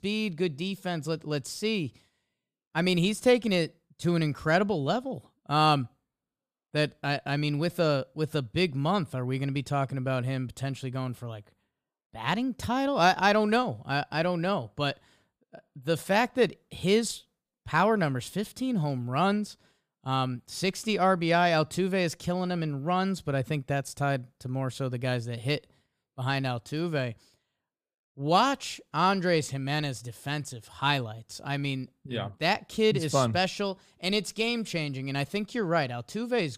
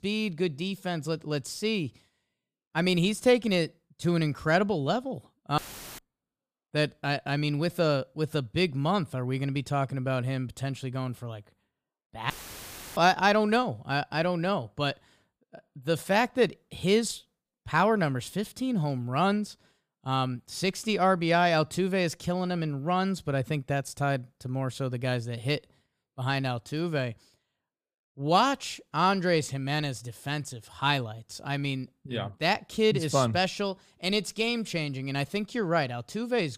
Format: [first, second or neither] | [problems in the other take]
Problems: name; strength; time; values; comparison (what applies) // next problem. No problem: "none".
first | audio cutting out; filled with static; at 5.5 s and at 12 s for 0.5 s